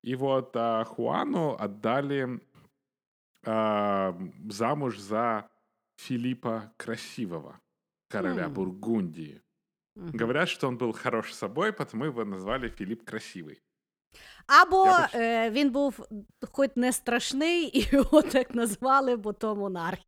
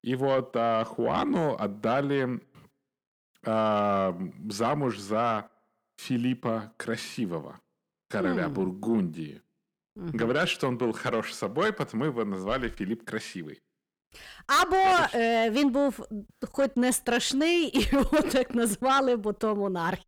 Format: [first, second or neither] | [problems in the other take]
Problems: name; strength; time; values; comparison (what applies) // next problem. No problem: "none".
first | distortion; heavy; 8 dB below the speech